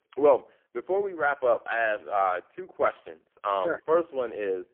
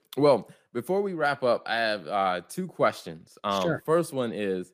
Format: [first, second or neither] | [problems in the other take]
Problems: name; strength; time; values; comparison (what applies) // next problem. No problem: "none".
second | phone-call audio; poor line; nothing above 3 kHz